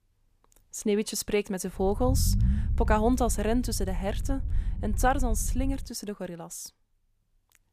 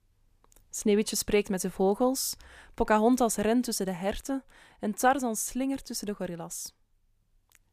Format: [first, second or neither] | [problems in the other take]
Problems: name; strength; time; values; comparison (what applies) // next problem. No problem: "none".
second | low rumble; noticeable; from 2 to 6 s; 15 dB below the speech